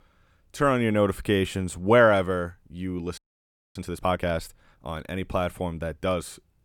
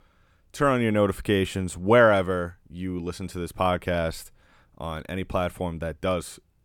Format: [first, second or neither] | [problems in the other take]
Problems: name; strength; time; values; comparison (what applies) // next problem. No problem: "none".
second | audio freezing; at 3 s for 0.5 s